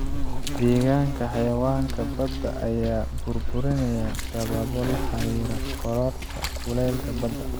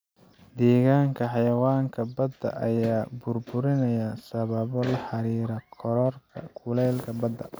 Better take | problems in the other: second | background sound (Insect); 1 dB below the speech

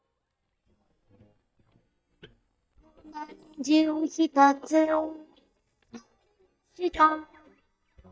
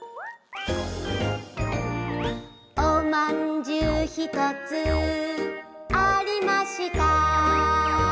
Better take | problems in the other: second | noise reduction (neural mask model DeepFilterNet 3)

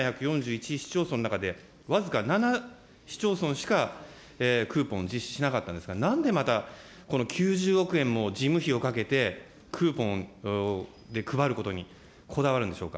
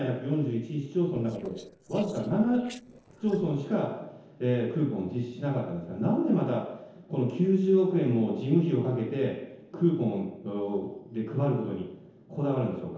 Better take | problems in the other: first | noise reduction (neural separator model SepFormer DNS4)

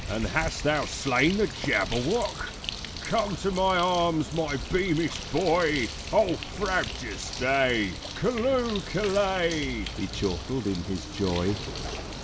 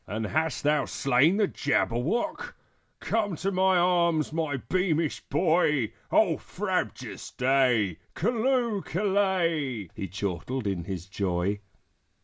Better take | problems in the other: second | background sound (Bird); 8 dB below the speech

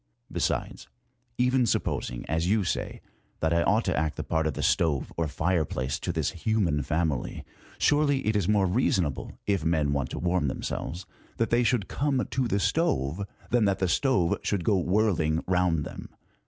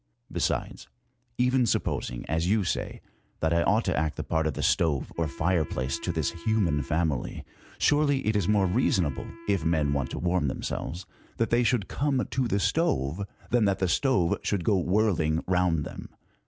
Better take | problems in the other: first | background sound (Wind instrument, woodwind instrument); 20 dB below the speech

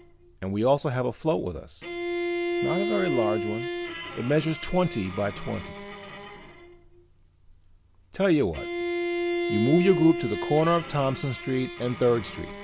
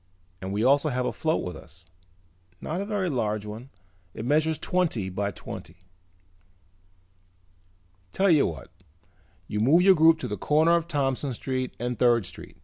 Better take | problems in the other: second | background sound (Bowed string instrument); 5 dB below the speech

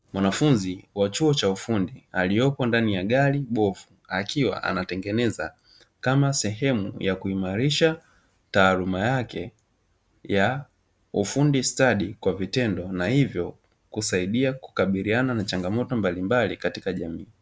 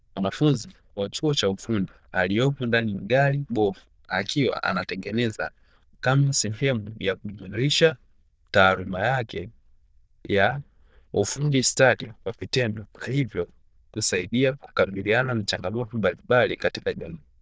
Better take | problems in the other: first | noise reduction (neural diffusion model UNIVERSE++)

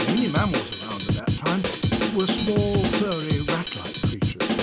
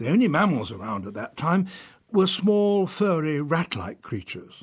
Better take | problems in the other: second | background sound (Drum kit); 2 dB above the speech

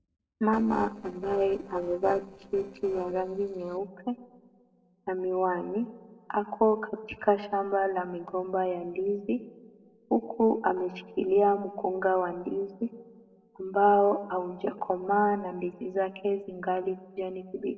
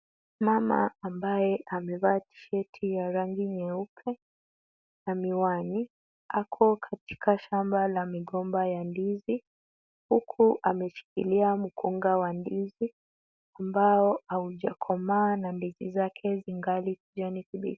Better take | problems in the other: second | noise reduction (neural separator model SepFormer DNS4)

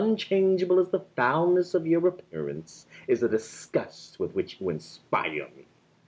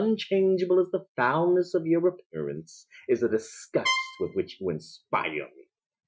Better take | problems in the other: first | noise reduction (classical method Wiener filter)

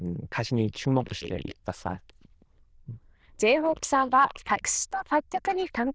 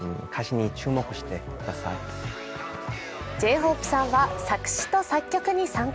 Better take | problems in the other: second | noise reduction (neural diffusion model UNIVERSE++)

